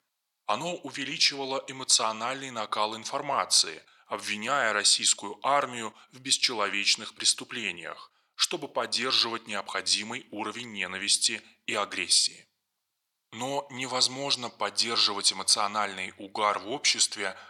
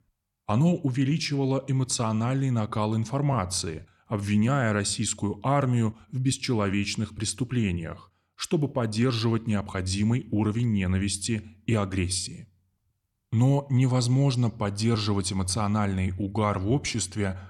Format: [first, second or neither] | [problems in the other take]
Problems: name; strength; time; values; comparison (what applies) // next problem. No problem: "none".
second | thin; very; fading below 700 Hz